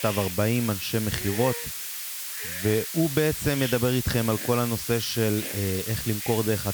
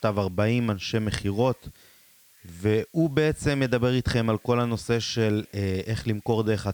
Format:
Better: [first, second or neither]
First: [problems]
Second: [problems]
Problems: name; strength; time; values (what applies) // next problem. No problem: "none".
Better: second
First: hiss; loud; throughout; 5 dB below the speech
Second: hiss; faint; throughout; 30 dB below the speech